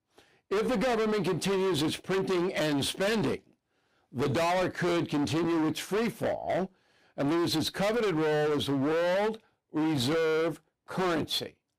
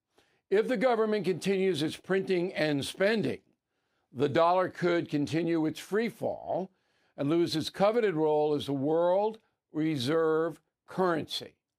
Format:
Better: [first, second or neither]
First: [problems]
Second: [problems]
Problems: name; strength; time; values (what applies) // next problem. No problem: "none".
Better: second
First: distortion; heavy; 31% of the sound clipped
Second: none